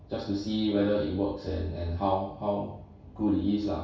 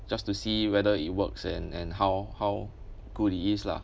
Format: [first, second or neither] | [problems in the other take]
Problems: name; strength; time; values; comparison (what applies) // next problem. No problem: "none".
second | room echo; dies away in 0.6 s